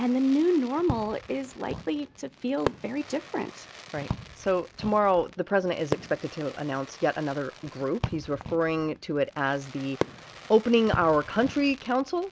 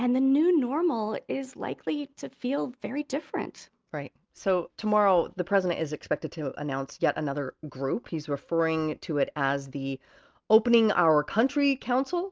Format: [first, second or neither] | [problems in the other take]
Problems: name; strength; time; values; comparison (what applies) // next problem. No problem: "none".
second | background sound (Fireworks); 11 dB below the speech